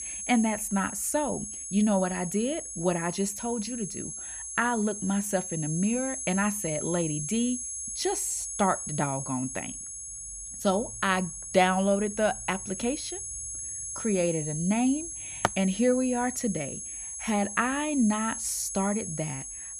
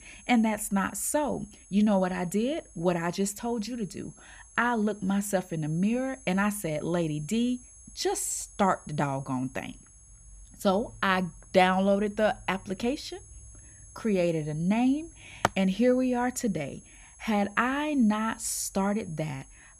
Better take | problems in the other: second | high-pitched whine; loud; throughout; 6.5 kHz, 6 dB below the speech; faint in the second

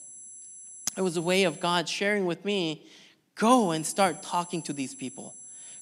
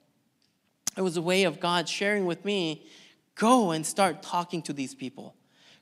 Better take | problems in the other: second | high-pitched whine; noticeable; until 2 s and from 3.5 s on; 10 kHz, 15 dB below the speech

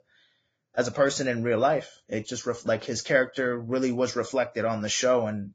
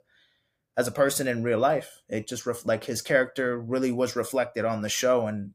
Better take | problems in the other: second | garbled, watery; badly; nothing above 7.5 kHz

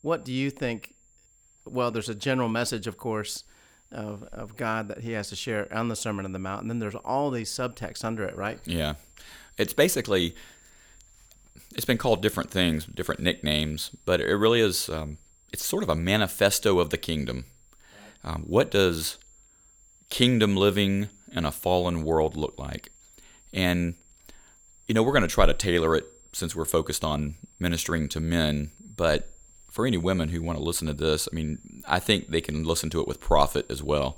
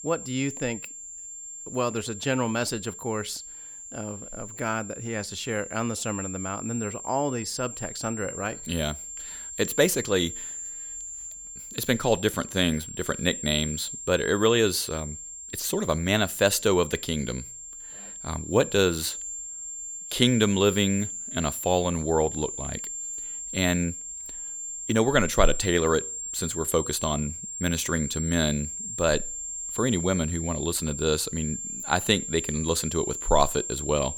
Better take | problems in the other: first | high-pitched whine; loud; throughout; 7.5 kHz, 8 dB below the speech; faint in the first

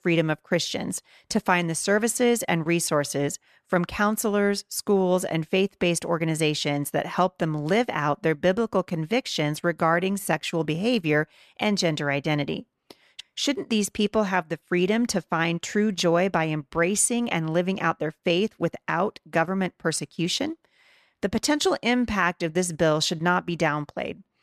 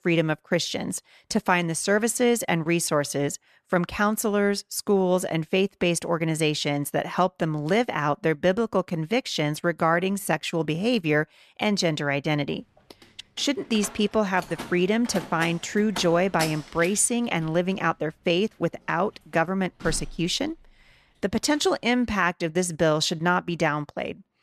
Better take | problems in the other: first | door banging; noticeable; from 13 to 20 s; peak 7 dB below the speech

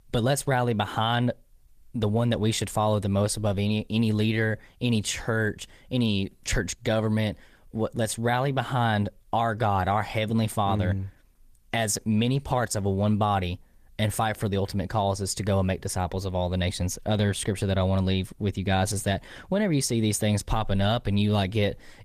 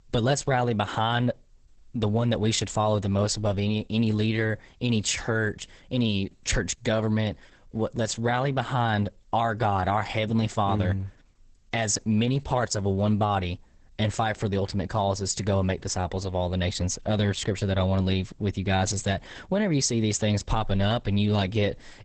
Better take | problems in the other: first | garbled, watery; badly; nothing above 8 kHz; slightly in the first

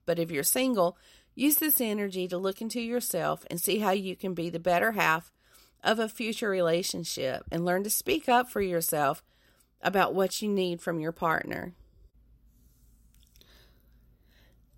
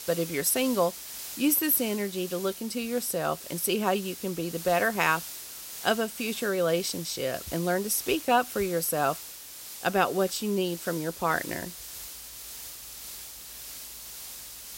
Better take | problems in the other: first | hiss; noticeable; throughout; 10 dB below the speech

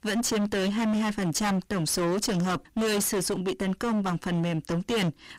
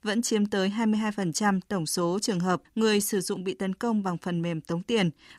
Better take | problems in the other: second | distortion; heavy; 31% of the sound clipped

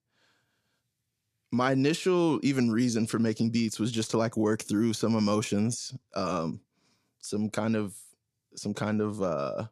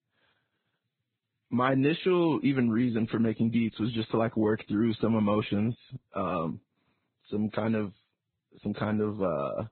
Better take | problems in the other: first | garbled, watery; badly; nothing above 4 kHz

